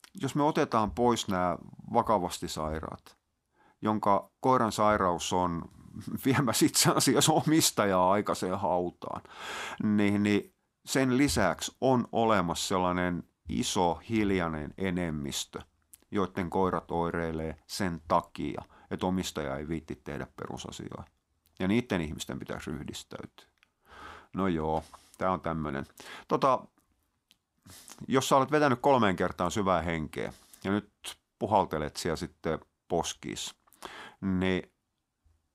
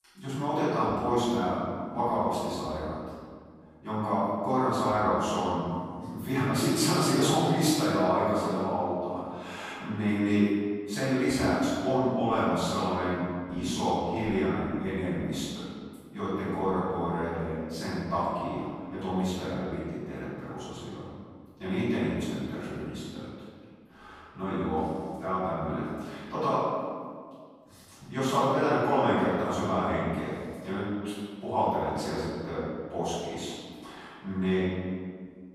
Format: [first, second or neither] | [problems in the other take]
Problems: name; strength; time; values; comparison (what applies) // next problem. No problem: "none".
first | off-mic speech; far // room echo; strong; dies away in 1.8 s